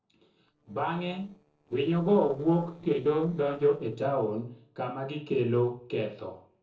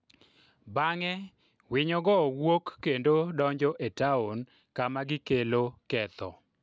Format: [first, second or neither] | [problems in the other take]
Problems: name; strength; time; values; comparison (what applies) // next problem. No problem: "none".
second | noise reduction (neural separator model SepFormer DNS4)